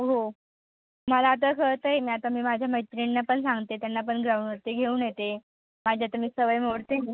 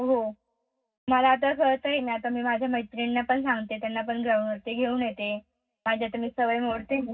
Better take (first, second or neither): first